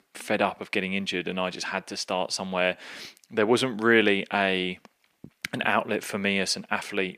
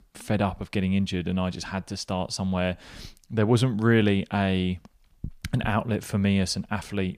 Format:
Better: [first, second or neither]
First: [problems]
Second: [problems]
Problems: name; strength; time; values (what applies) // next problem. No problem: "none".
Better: second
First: thin; somewhat; fading below 350 Hz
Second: none